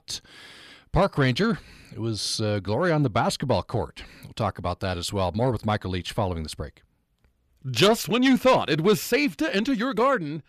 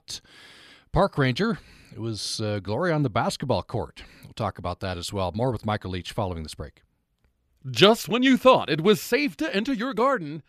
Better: second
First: distortion; slight; 10 dB below the speech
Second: none

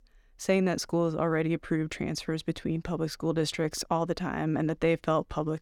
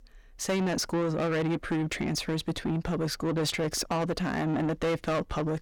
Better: first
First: none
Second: distortion; heavy; 6 dB below the speech

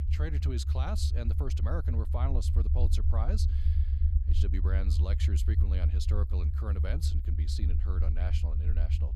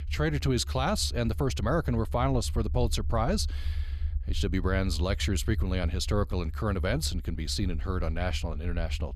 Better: second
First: low rumble; loud; throughout; 4 dB below the speech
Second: low rumble; faint; throughout; 20 dB below the speech

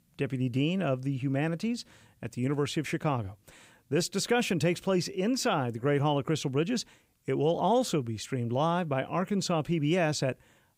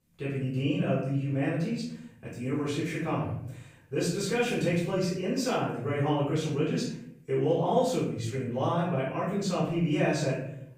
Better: first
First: none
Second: off-mic speech; far // room echo; noticeable; dies away in 0.7 s

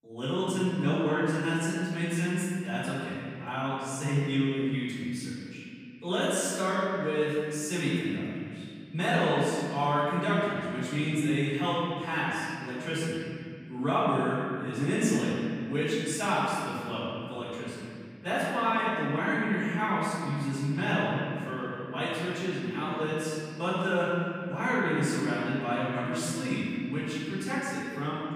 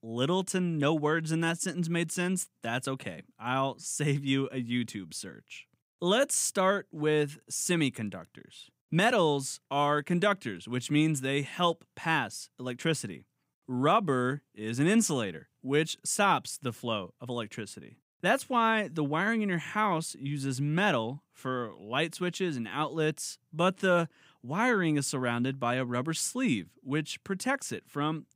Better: second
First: off-mic speech; far // room echo; strong; dies away in 2.3 s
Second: none

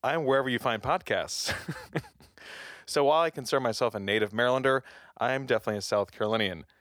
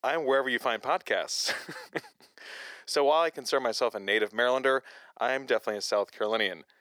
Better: first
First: none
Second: thin; very slightly; fading below 350 Hz

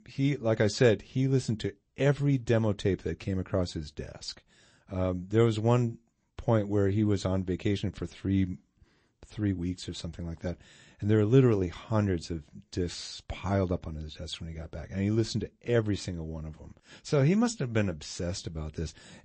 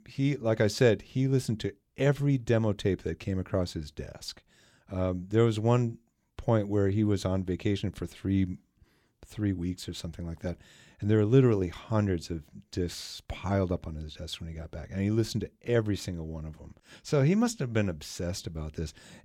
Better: second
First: garbled, watery; slightly; nothing above 8 kHz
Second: none

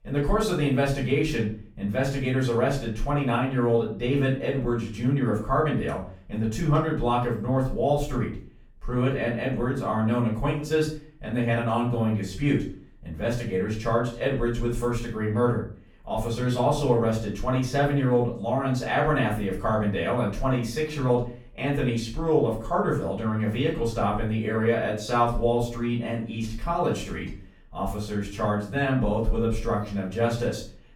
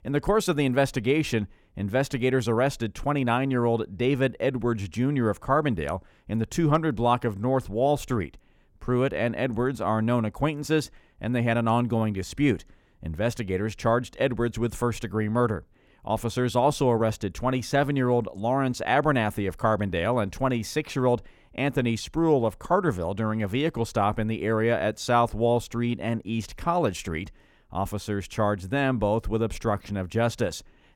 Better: second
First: off-mic speech; far // room echo; slight; dies away in 0.4 s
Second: none

